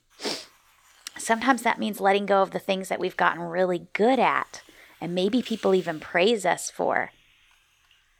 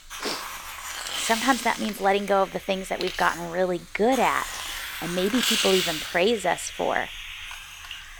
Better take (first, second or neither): first